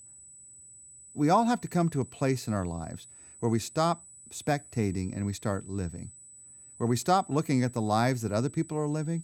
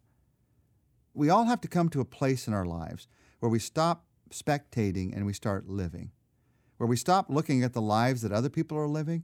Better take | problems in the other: second | high-pitched whine; noticeable; throughout; 8 kHz, 20 dB below the speech

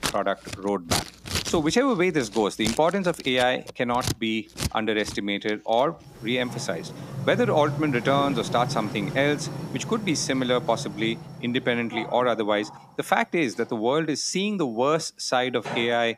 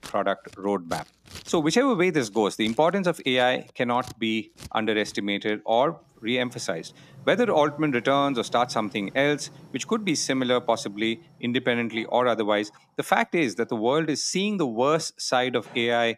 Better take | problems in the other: second | household noises; loud; throughout; 9 dB below the speech; faint in the second

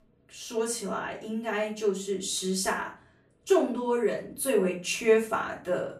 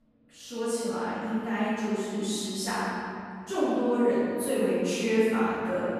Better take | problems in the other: first | room echo; strong; dies away in 3 s; slight in the first // off-mic speech; far; far in the first

